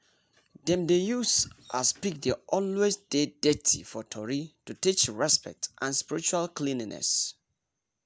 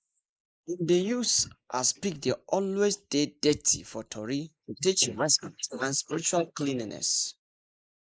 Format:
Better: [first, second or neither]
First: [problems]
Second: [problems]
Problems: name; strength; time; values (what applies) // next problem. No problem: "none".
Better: first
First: none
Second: noise reduction (neural mask model Resemble Enhance denoiser)